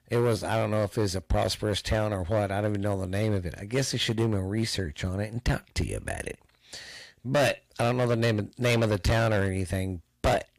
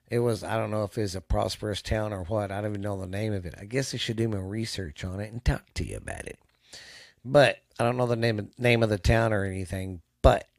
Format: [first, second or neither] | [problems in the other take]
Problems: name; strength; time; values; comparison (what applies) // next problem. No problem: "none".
second | distortion; heavy; 8% of the sound clipped